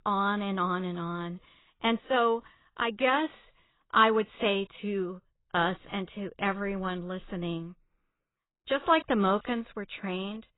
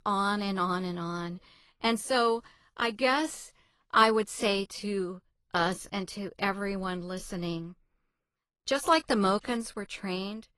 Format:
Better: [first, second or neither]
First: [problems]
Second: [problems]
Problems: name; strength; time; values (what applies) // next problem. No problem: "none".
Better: second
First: garbled, watery; badly; nothing above 4 kHz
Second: garbled, watery; slightly; nothing above 11.5 kHz